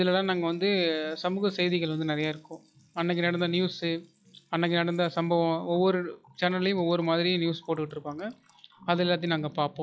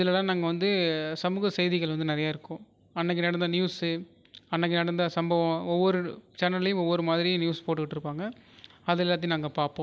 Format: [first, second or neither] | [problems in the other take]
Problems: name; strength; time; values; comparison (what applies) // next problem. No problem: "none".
second | noise reduction (classical method log-MMSE)